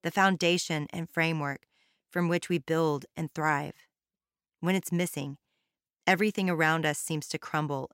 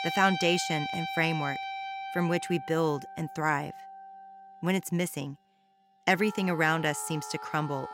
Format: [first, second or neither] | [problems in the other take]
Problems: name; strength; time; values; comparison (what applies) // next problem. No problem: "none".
first | background music; loud; throughout; 9 dB below the speech